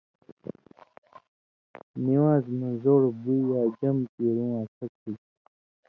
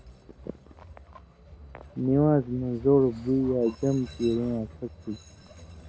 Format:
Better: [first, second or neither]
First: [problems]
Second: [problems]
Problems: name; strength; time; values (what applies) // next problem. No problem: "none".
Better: first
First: none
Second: background sound (Train); 19 dB below the speech